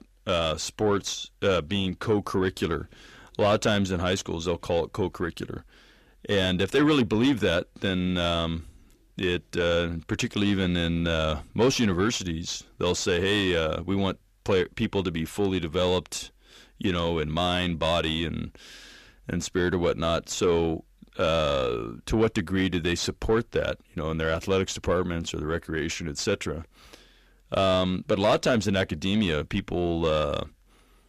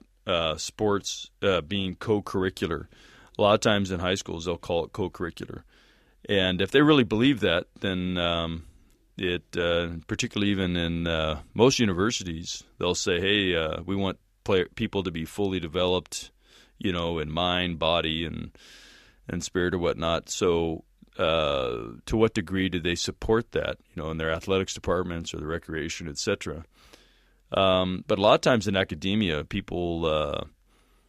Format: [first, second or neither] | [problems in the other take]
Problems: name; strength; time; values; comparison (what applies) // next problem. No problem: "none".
second | distortion; slight; 10 dB below the speech